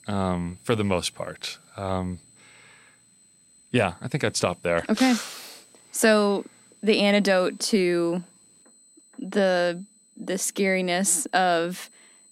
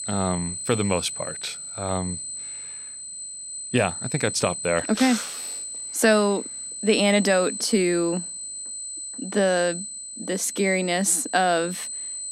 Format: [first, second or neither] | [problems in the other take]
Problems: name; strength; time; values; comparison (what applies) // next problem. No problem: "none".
first | high-pitched whine; loud; throughout; 8 kHz, 7 dB below the speech; faint in the first